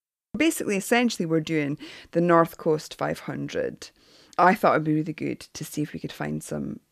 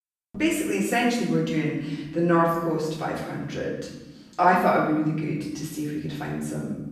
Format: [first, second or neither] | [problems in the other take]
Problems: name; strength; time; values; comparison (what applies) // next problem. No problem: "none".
first | room echo; noticeable; dies away in 1 s // off-mic speech; far